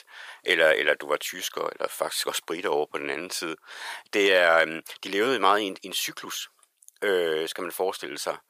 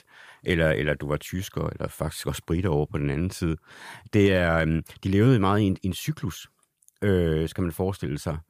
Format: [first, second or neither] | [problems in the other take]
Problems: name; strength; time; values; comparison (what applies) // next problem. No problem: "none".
second | thin; very; fading below 500 Hz